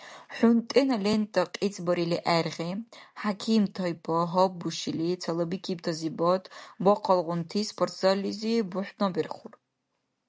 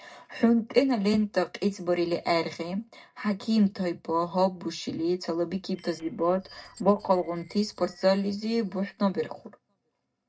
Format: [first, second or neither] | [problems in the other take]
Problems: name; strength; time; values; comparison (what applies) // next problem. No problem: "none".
first | noise reduction (neural separator model SepFormer DNS4)